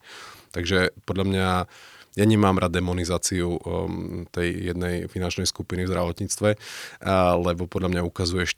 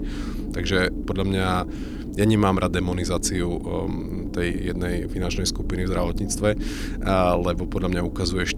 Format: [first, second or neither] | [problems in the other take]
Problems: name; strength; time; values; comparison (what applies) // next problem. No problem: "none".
first | low rumble; noticeable; throughout; 10 dB below the speech